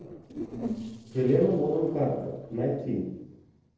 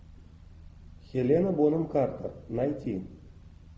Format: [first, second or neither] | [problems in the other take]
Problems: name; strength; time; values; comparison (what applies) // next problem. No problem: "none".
second | noise reduction (neural separator model SepFormer DNS4)